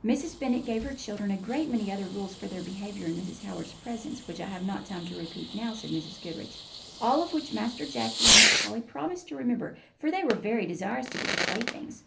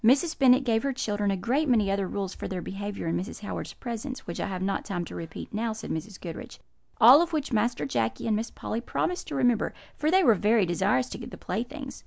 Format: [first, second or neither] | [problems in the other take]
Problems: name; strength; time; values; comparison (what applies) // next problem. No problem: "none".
second | background sound (Fireworks); as loud as the speech // room echo; dies away in 0.3 s